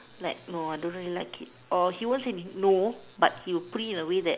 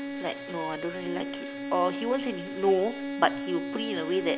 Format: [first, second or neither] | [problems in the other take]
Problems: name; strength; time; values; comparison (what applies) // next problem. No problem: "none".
first | background sound (Bowed string instrument); 6 dB below the speech